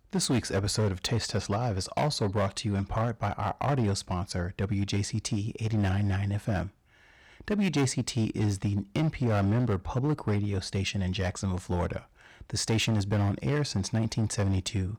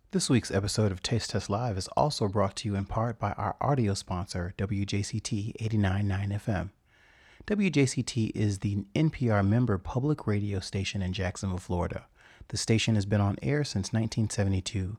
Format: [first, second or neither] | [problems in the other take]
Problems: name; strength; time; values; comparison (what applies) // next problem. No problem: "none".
second | distortion; slight; 9% of the sound clipped